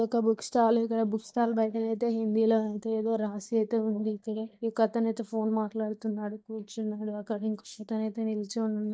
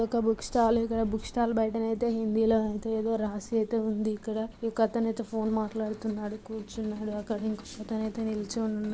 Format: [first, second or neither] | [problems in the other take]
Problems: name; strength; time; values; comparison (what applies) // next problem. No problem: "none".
second | noise reduction (neural mask model DeepFilterNet 3)